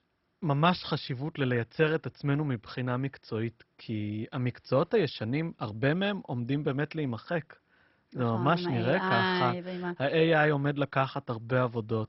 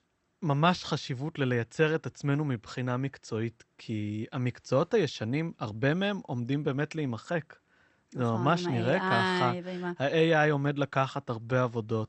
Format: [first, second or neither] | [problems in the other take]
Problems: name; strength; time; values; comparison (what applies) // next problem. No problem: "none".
second | garbled, watery; badly; nothing above 5.5 kHz; slightly in the second